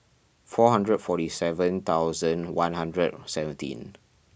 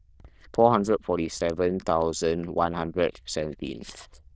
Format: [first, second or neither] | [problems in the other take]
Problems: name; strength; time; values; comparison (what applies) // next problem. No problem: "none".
first | noise reduction (neural diffusion model UNIVERSE++)